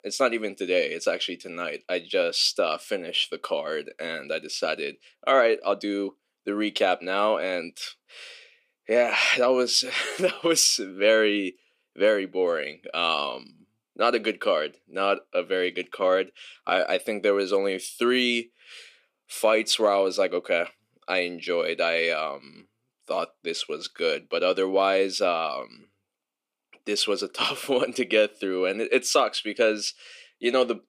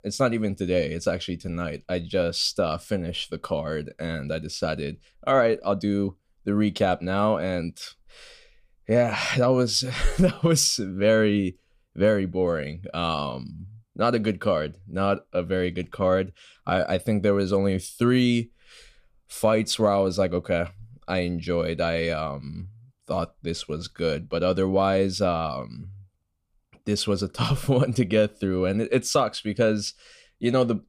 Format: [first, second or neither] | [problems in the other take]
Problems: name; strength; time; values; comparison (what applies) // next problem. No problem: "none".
second | thin; somewhat; fading below 300 Hz